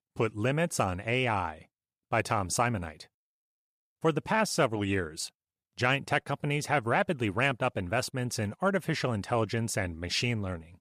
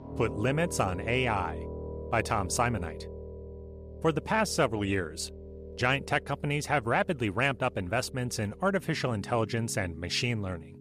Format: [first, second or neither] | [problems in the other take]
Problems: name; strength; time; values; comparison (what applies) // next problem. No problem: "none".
first | background music; noticeable; throughout; 15 dB below the speech